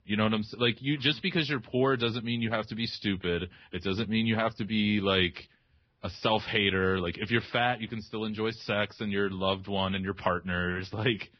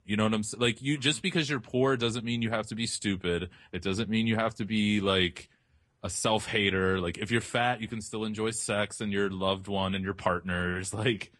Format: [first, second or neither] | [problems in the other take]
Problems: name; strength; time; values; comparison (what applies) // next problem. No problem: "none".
second | garbled, watery; badly; nothing above 5.5 kHz; slightly in the second